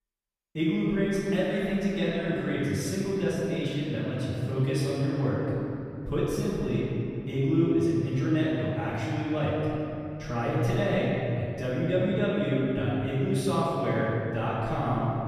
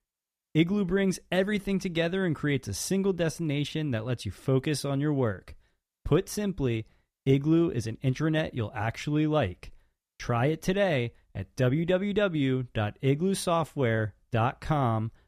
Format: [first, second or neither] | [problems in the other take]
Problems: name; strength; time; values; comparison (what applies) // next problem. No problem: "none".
second | room echo; strong; dies away in 2.5 s // off-mic speech; far